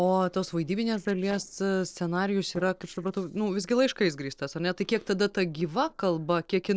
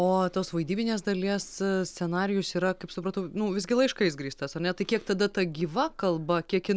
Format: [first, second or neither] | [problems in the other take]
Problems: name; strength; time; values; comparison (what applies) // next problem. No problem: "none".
second | noise reduction (neural separator model SepFormer DNS4)